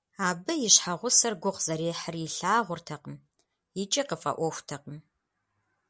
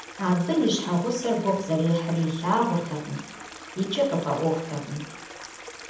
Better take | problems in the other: first | background sound (Stream); 16 dB below the speech // room echo; dies away in 0.8 s

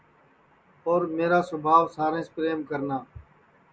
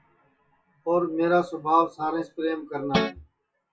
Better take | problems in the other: first | noise reduction (classical method WPE with log-MMSE)

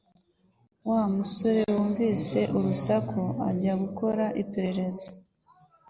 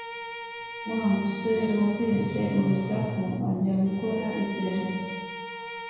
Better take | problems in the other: first | background sound (Bowed string instrument); 11 dB below the speech // room echo; dies away in 1 s

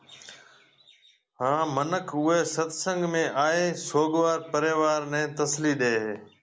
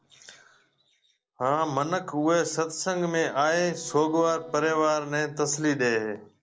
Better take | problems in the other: first | noise reduction (neural separator model SepFormer DNS4)

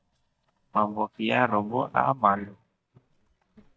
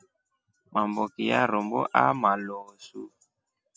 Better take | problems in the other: second | noise reduction (neural mask model DeepFilterNet 3)

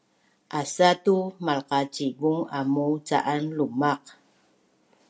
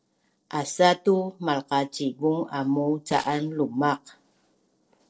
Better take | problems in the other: first | noise reduction (neural separator model SepFormer DNS4)

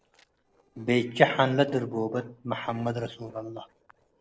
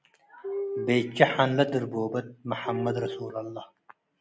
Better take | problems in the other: second | noise reduction (neural separator model SepFormer DNS4)

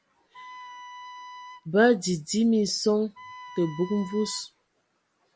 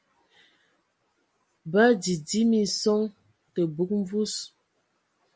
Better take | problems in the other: second | background sound (Wind instrument, woodwind instrument); 16 dB below the speech

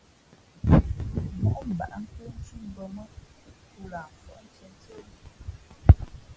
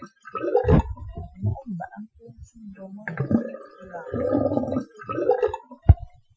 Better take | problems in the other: first | noise reduction (classical method Wiener filter)

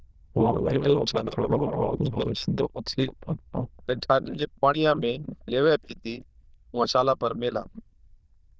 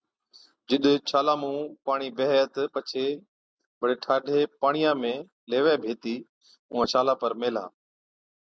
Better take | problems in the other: second | noise reduction (neural diffusion model UNIVERSE++)

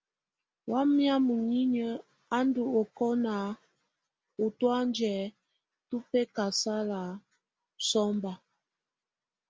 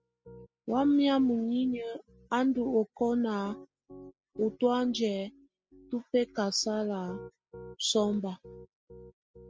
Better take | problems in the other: first | noise reduction (classical method spectral subtraction)

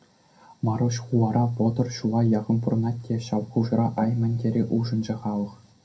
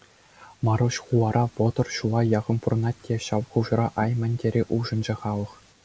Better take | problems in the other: second | background sound (Keyboard (musical)); 18 dB below the speech // room echo; dies away in 0.2 s

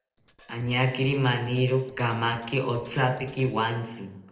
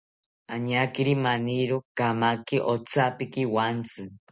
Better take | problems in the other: second | noise reduction (neural separator model SepFormer DNS4)

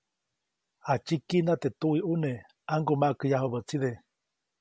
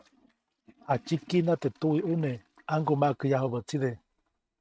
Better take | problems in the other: first | noise reduction (neural mask model RNNoise)

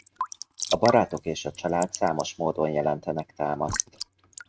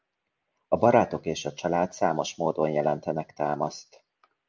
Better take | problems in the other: second | noise reduction (neural mask model RNNoise)

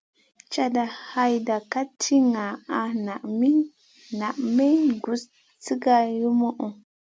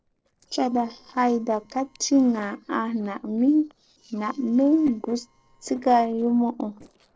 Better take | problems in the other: first | noise reduction (neural separator model SepFormer DNS4)

